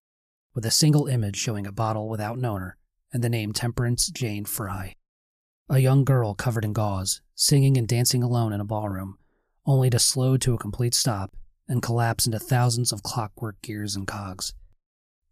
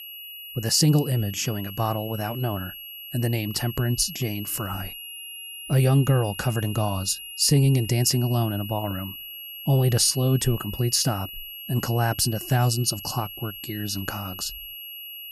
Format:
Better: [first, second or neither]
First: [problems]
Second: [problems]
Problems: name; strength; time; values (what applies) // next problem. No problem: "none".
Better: first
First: none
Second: high-pitched whine; noticeable; throughout; 3 kHz, 10 dB below the speech